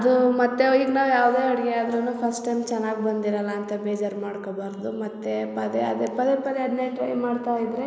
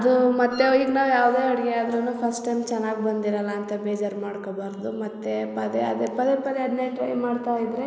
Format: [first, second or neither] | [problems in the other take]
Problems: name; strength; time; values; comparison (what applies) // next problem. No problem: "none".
first | background sound (Wind instrument, woodwind instrument); 15 dB below the speech